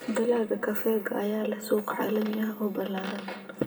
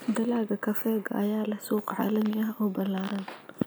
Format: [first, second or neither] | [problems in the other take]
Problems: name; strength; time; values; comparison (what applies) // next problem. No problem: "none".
second | room echo; dies away in 1.6 s